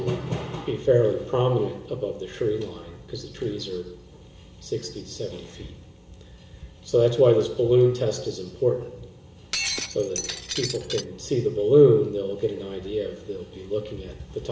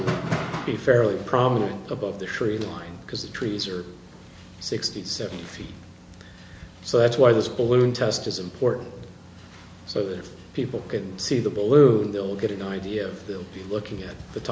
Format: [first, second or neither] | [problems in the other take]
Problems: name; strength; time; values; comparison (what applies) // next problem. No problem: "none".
second | background sound (Shatter); 6 dB below the speech // room echo; dies away in 0.6 s